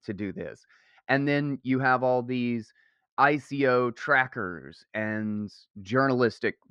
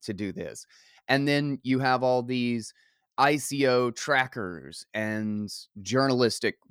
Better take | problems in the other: second | muffled; slightly; fading above 2.5 kHz

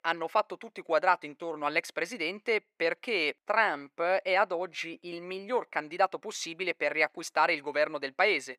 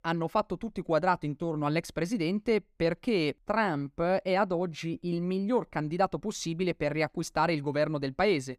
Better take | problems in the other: second | thin; very; fading below 550 Hz

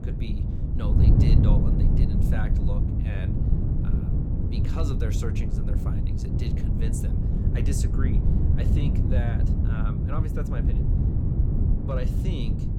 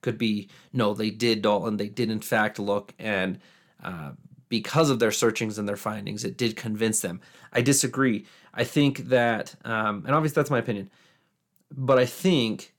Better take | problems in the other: second | wind noise on the microphone; heavy; 3 dB above the speech

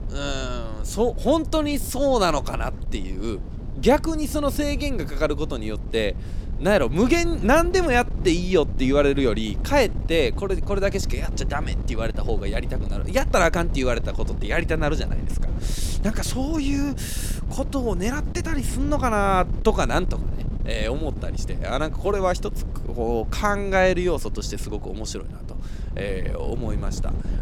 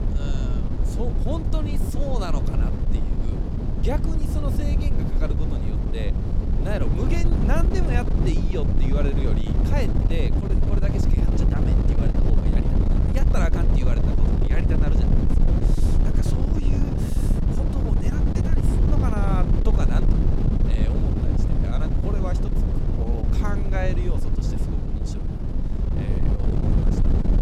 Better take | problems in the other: first | wind noise on the microphone; heavy; 1 dB above the speech; occasional gusts in the first

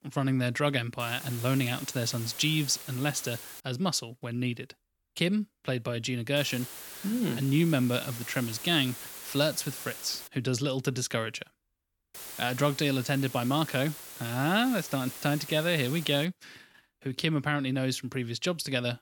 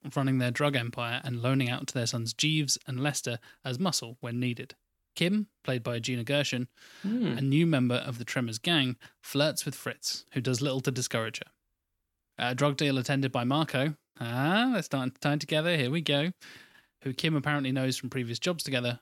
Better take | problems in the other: second | hiss; noticeable; from 1 to 3.5 s, from 6.5 to 10 s and from 12 to 16 s; 10 dB below the speech

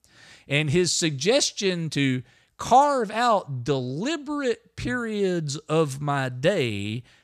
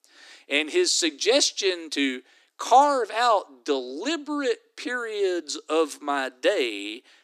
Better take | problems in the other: first | thin; very slightly; fading below 300 Hz

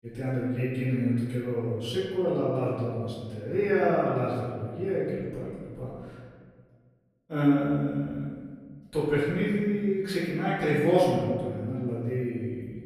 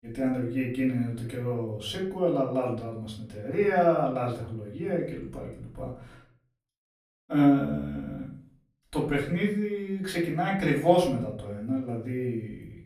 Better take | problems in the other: second | room echo; strong; dies away in 1.6 s; slight in the second // off-mic speech; far; far in the second

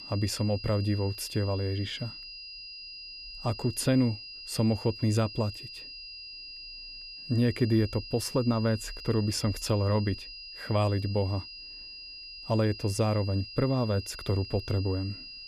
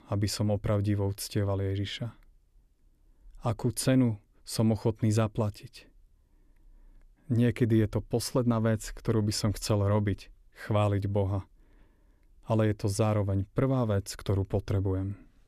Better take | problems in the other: second | high-pitched whine; noticeable; throughout; 5 kHz, 10 dB below the speech

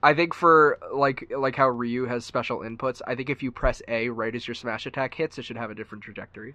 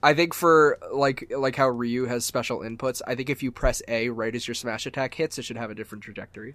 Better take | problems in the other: second | muffled; slightly; fading above 3 kHz

